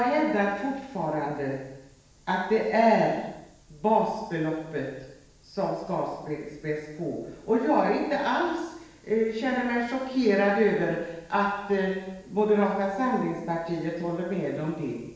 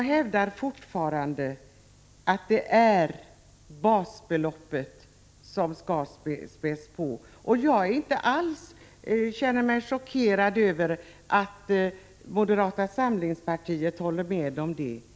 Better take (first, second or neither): second